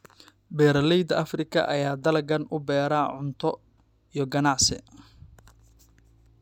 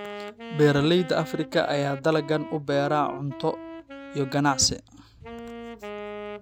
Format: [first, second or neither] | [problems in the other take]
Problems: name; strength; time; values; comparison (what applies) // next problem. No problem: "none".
first | background sound (Wind instrument, woodwind instrument); 13 dB below the speech